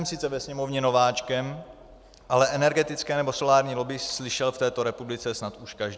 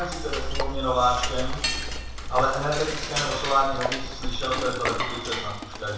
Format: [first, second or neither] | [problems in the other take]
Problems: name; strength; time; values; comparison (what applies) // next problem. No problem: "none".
first | background sound (Cutlery, silverware / Dishes, pots, and pans); 1 dB below the speech // room echo; dies away in 0.7 s